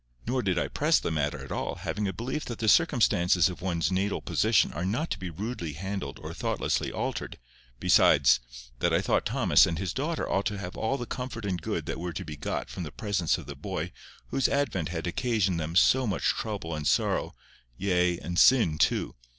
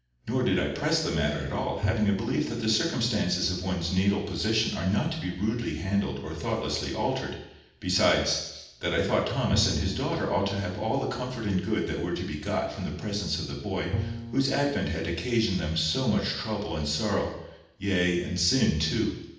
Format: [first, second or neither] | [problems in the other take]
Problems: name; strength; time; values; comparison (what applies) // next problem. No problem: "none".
first | background sound (Bowed string instrument); 11 dB below the speech // room echo; dies away in 0.8 s